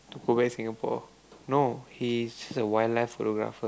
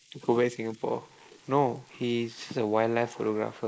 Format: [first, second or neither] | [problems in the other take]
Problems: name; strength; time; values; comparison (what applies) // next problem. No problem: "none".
first | noise reduction (neural mask model Resemble Enhance denoiser)